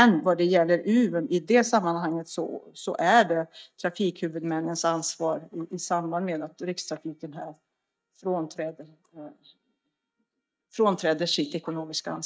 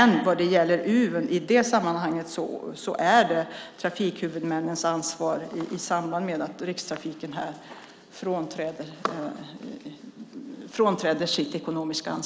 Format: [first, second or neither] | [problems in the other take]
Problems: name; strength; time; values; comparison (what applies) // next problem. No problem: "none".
second | noise reduction (neural mask model DeepFilterNet 3)